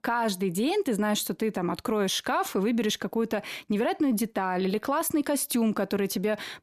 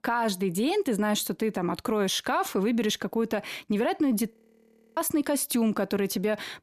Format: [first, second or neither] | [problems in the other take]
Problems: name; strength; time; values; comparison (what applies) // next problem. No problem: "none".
first | audio freezing; at 4.5 s for 0.5 s